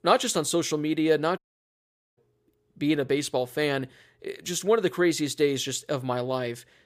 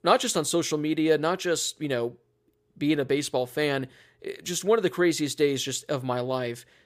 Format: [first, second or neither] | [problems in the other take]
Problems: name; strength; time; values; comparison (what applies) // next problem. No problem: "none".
second | audio cutting out; at 1.5 s for 1 s